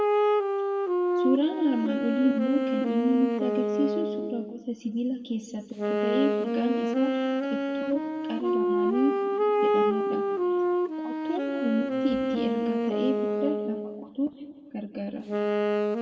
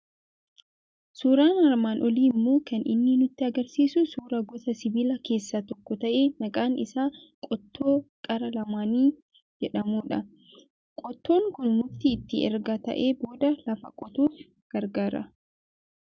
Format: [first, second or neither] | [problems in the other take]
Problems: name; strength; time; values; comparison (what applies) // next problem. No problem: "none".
second | background sound (Wind instrument, woodwind instrument); 3 dB above the speech // room echo; dies away in 1.5 s